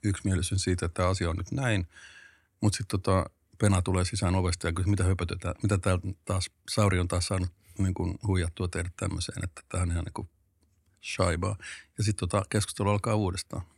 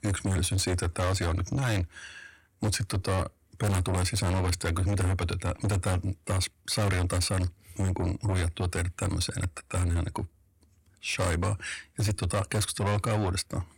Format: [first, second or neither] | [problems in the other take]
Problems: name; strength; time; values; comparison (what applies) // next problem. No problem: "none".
first | distortion; heavy; 6 dB below the speech